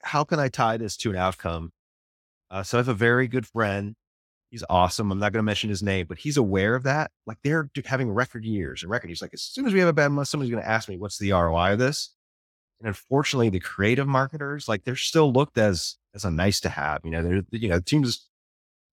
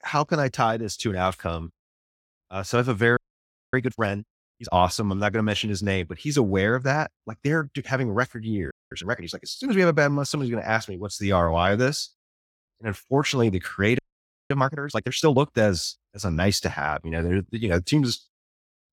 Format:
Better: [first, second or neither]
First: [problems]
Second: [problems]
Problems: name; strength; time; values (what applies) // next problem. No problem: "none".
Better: first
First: none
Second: audio freezing; at 3 s for 0.5 s, at 8.5 s and at 14 s for 0.5 s